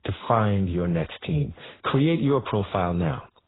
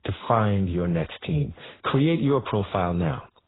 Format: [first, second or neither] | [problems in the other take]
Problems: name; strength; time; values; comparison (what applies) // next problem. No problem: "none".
neither | garbled, watery; badly; nothing above 4 kHz; the same in both